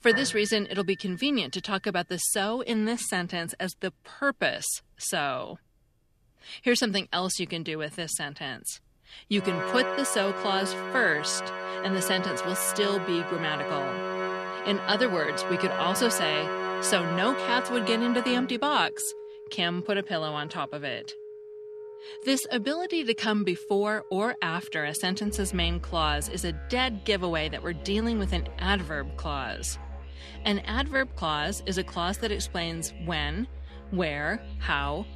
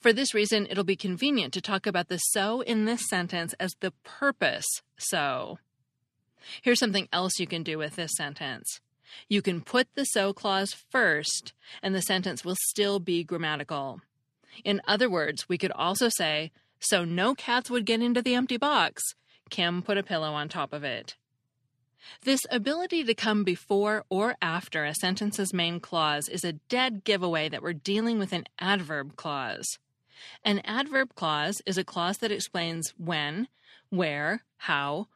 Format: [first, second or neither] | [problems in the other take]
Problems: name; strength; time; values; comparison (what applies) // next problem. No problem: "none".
second | background music; loud; throughout; 7 dB below the speech